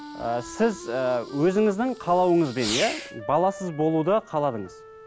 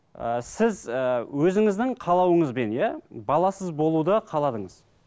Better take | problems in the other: second | background sound (Fireworks + Wind instrument, woodwind instrument); 13 dB below the speech

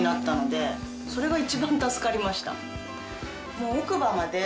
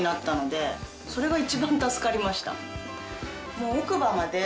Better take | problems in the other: second | background sound (Harp); 9 dB below the speech

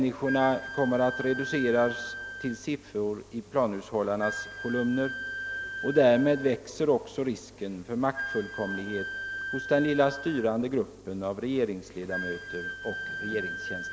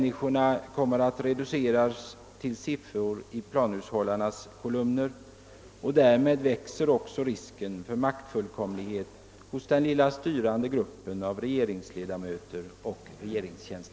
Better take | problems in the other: second | background sound (Wind instrument, woodwind instrument); 9 dB below the speech

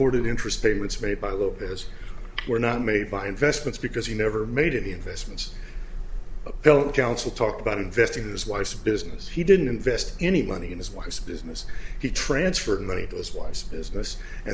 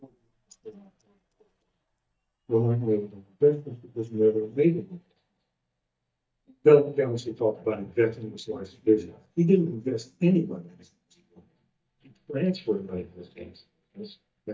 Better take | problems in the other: first | noise reduction (neural mask model DeepFilterNet 3)

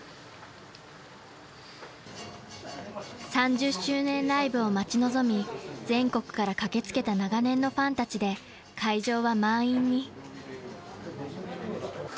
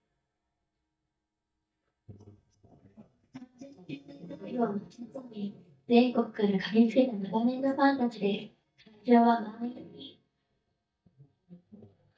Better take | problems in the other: first | noise reduction (neural mask model DeepFilterNet 3)

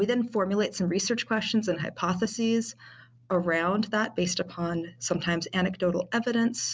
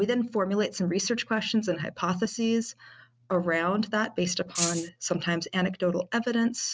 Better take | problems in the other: first | noise reduction (neural mask model RNNoise)

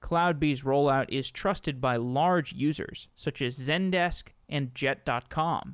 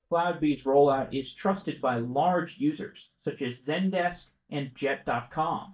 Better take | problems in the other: first | noise reduction (neural mask model DeepFilterNet 3)

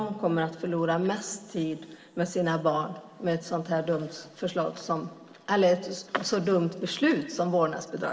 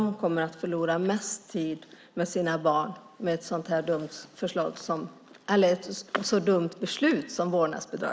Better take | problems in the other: second | room echo; dies away in 1.9 s

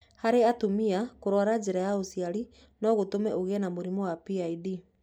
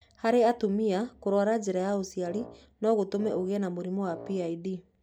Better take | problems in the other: first | background sound (Wind instrument, woodwind instrument); 18 dB below the speech

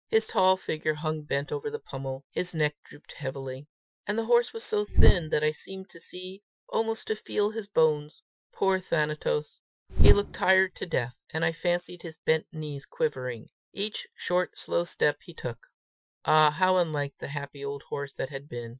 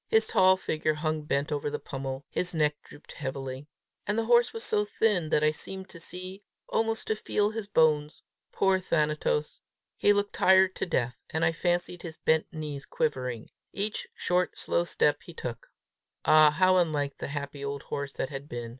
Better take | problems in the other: second | noise reduction (classical method Wiener filter)

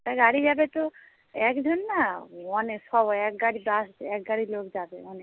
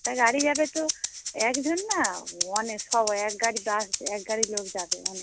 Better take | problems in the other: first | background sound (Rattle (instrument)); 5 dB below the speech

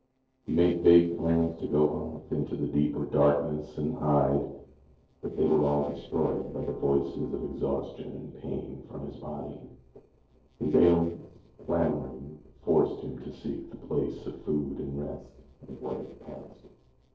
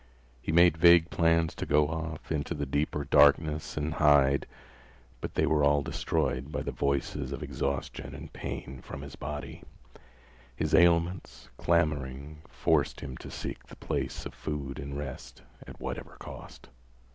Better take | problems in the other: second | noise reduction (neural separator model SepFormer DNS4)

